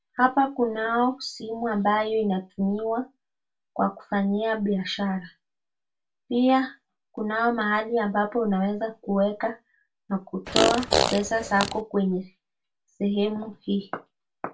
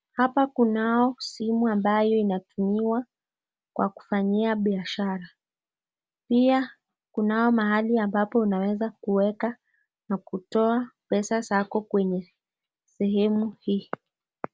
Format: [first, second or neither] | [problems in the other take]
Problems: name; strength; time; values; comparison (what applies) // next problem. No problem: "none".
second | background sound (Fart); 1 dB above the speech // room echo; dies away in 0.2 s